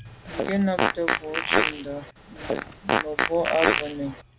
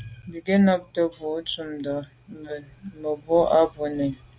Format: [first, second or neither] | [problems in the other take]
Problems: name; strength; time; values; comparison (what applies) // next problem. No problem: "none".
second | background sound (Fart); 3 dB above the speech